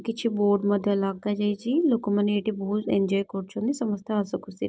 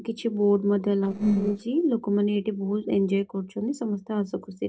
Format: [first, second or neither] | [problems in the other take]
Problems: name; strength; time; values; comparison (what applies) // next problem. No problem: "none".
first | noise reduction (neural separator model SepFormer DNS4)